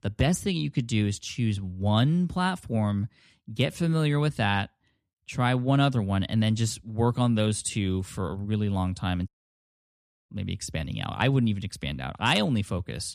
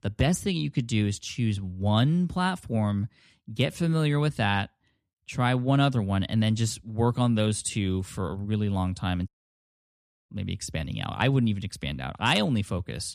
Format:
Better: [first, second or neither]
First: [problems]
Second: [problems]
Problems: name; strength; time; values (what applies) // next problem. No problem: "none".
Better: neither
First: audio cutting out; at 9.5 s for 1 s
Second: audio cutting out; at 9.5 s for 1 s